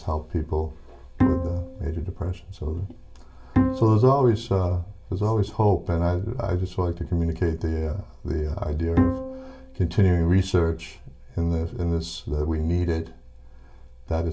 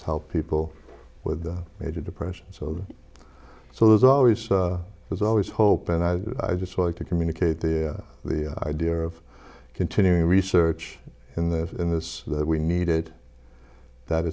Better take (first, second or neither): second